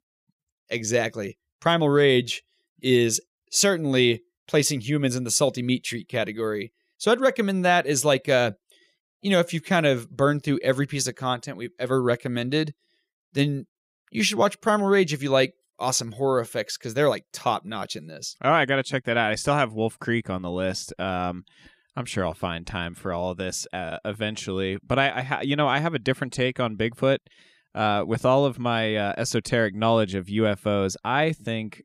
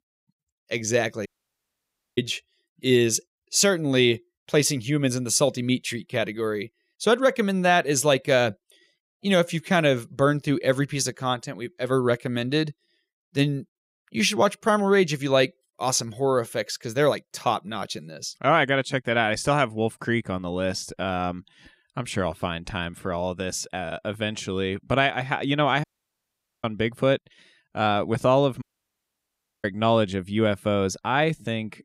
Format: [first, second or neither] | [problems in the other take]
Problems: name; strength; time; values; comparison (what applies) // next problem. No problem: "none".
first | audio cutting out; at 1.5 s for 1 s, at 26 s for 1 s and at 29 s for 1 s